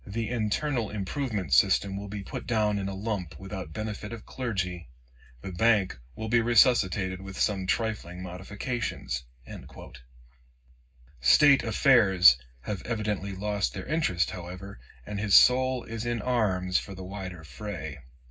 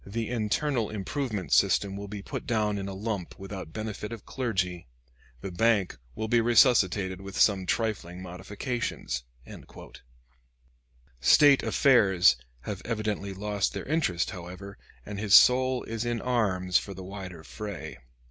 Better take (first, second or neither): second